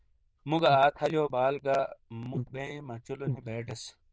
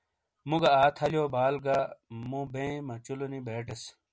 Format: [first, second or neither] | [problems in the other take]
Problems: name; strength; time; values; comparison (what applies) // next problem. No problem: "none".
second | noise reduction (neural diffusion model UNIVERSE++)